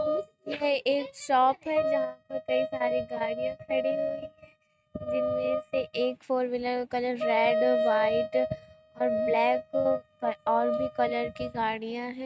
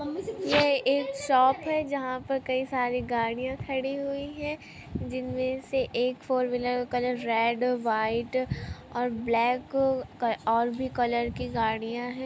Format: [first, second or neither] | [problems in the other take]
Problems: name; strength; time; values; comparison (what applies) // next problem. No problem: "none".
second | noise reduction (neural mask model RNNoise)